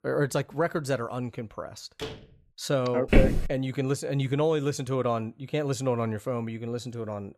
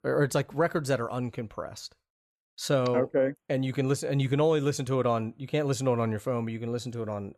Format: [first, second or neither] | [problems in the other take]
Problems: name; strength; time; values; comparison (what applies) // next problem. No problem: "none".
second | door banging; noticeable; at 2 s; peak 10 dB below the speech // footsteps; loud; at 3 s; peak 5 dB above the speech